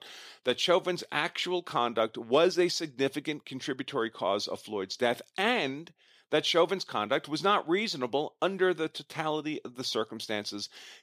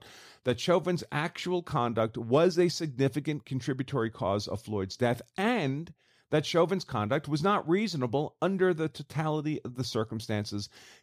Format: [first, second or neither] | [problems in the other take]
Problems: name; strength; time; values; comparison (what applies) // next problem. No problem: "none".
second | thin; somewhat; fading below 300 Hz